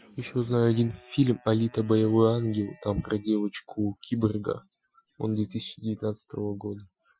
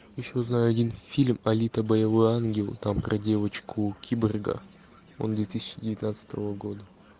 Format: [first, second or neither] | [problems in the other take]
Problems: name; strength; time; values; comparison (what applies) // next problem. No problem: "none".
second | noise reduction (classical method Wiener filter)